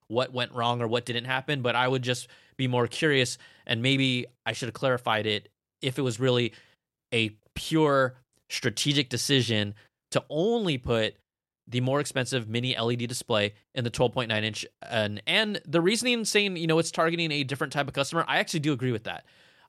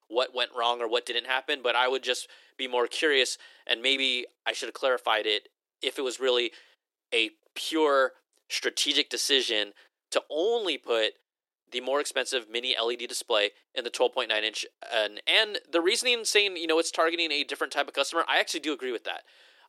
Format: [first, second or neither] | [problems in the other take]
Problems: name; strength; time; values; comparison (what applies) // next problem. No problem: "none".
first | thin; very; fading below 350 Hz